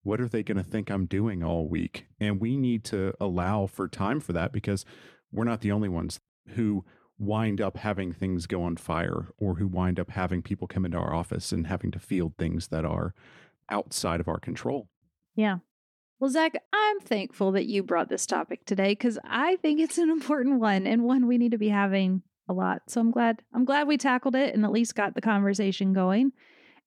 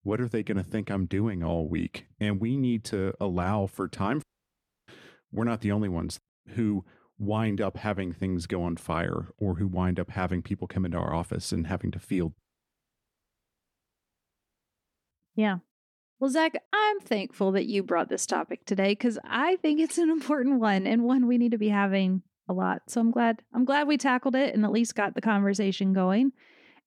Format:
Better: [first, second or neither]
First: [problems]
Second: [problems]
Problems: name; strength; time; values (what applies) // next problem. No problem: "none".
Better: first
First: none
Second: audio cutting out; at 4 s for 0.5 s and at 12 s for 2.5 s